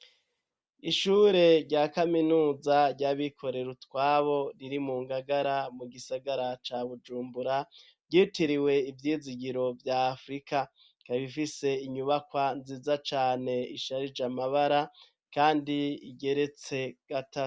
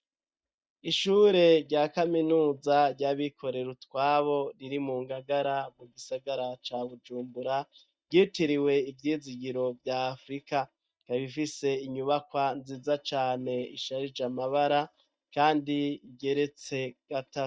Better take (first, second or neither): first